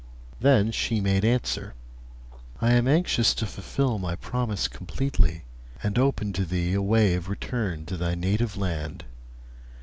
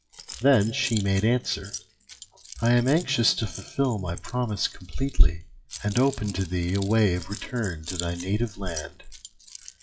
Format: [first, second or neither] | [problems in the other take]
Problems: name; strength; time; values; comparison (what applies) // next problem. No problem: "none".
first | noise reduction (classical method WPE with log-MMSE)